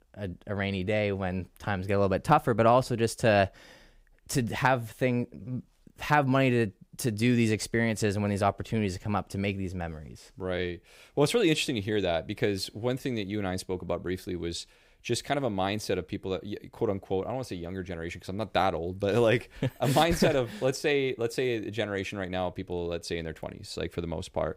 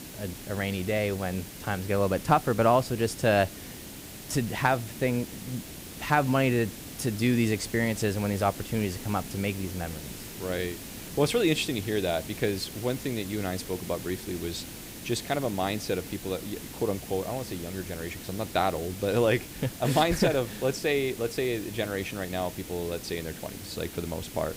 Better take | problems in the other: first | hiss; noticeable; throughout; 10 dB below the speech

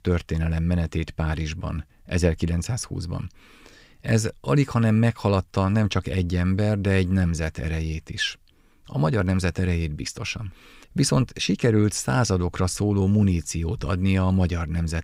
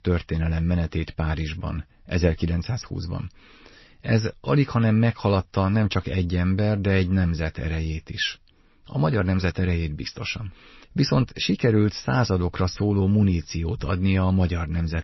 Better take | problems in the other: first | garbled, watery; slightly; nothing above 5.5 kHz

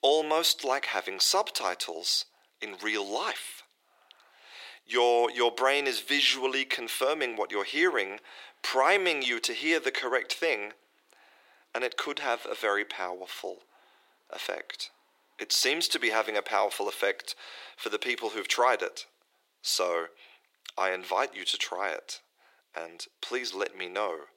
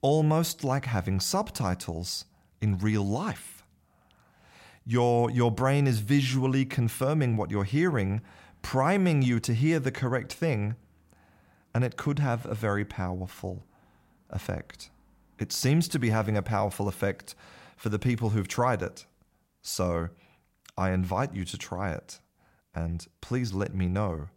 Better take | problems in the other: second | thin; very; fading below 350 Hz

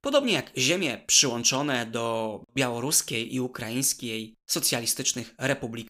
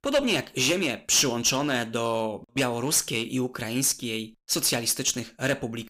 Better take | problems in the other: first | distortion; slight; 4% of the sound clipped

